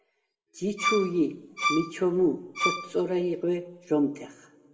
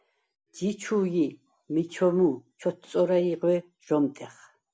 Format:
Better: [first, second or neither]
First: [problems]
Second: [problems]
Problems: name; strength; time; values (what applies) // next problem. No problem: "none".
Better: second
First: background sound (Bowed string instrument); 3 dB below the speech // room echo; dies away in 1.1 s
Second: none